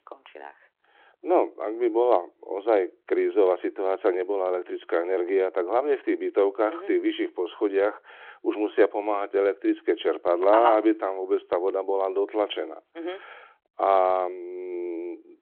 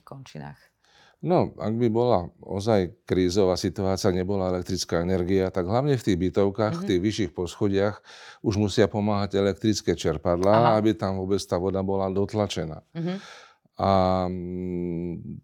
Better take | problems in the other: second | phone-call audio

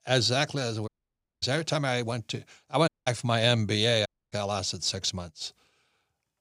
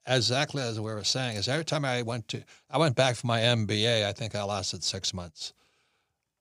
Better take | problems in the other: second | audio cutting out; at 1 s for 0.5 s, at 3 s and at 4 s

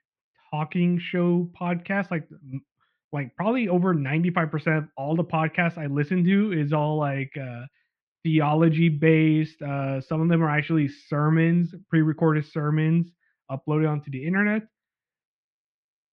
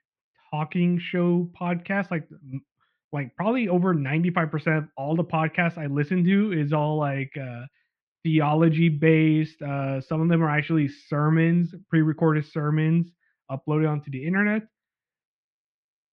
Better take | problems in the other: neither | muffled; very; fading above 2.5 kHz; the same in both

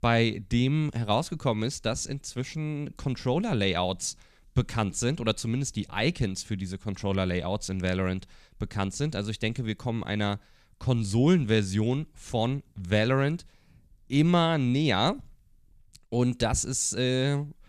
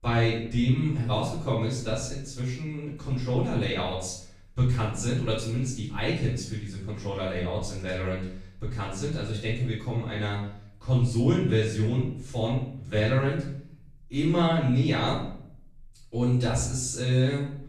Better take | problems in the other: first | off-mic speech; far // room echo; noticeable; dies away in 0.6 s

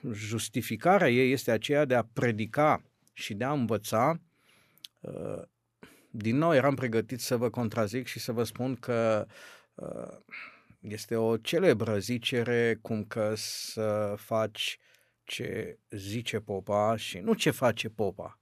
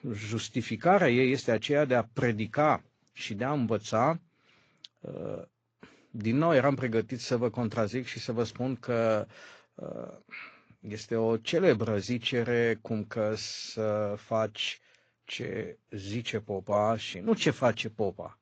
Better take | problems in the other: first | garbled, watery; slightly; nothing above 7.5 kHz

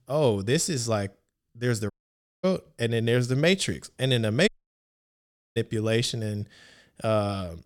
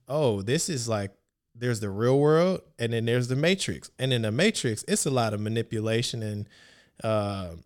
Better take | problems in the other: second | audio cutting out; at 2 s for 0.5 s and at 4.5 s for 1 s

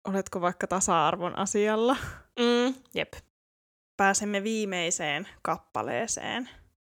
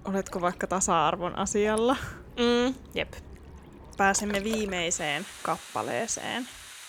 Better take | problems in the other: first | rain or running water; noticeable; throughout; 15 dB below the speech

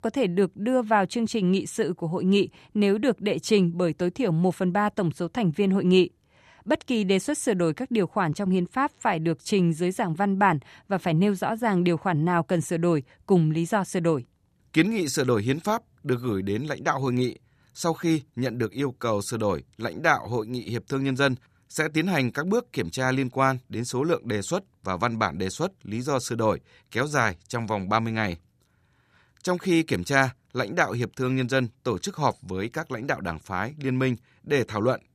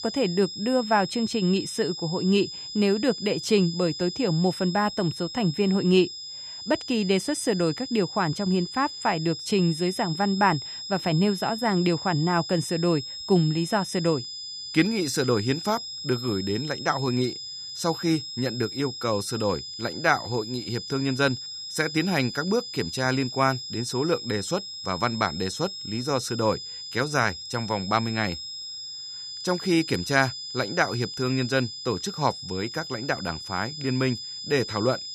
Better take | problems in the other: first | high-pitched whine; loud; throughout; 5 kHz, 8 dB below the speech

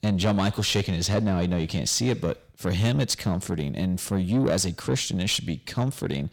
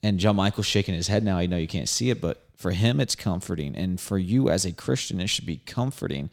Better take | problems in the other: second | distortion; slight; 10 dB below the speech

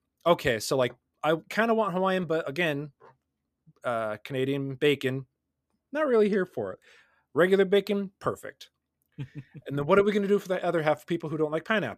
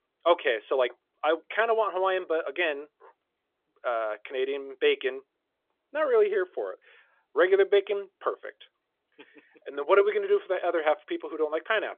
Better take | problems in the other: first | phone-call audio; nothing above 3.5 kHz

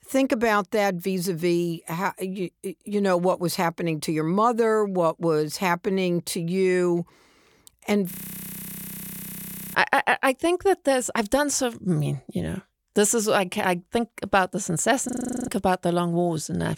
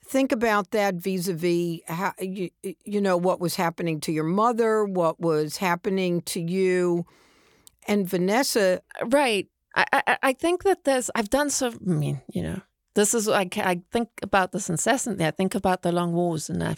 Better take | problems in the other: second | audio freezing; at 8 s for 1.5 s and at 15 s

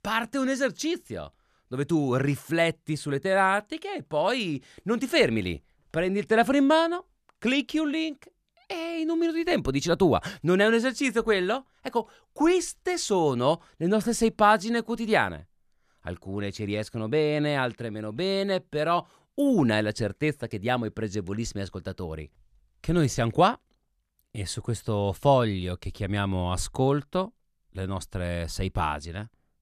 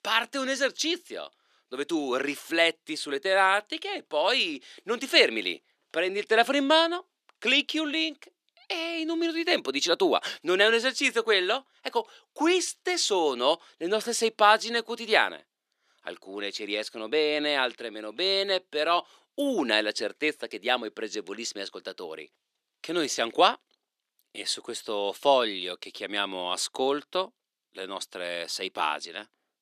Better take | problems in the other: first | thin; somewhat; fading below 300 Hz

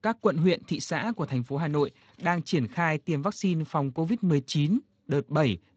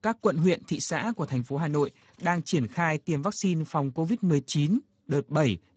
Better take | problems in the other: first | garbled, watery; badly; nothing above 7.5 kHz; slightly in the first

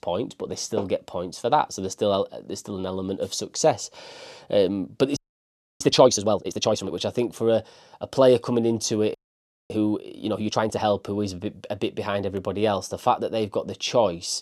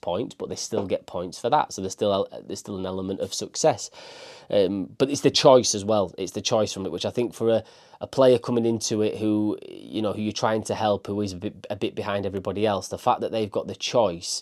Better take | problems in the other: second | audio freezing; at 5 s for 0.5 s and at 9 s for 0.5 s

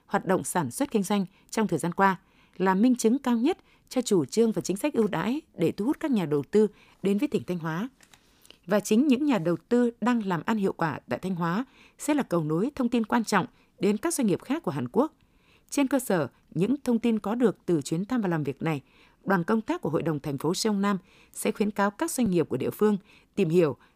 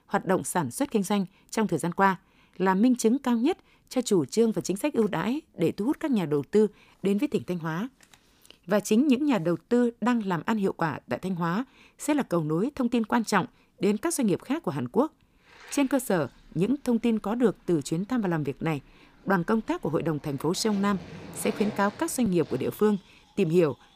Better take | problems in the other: first | household noises; faint; from 16 s on; 20 dB below the speech

